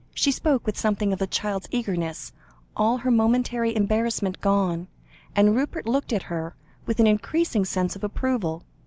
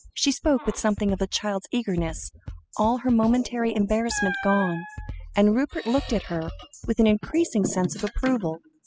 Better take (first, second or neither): first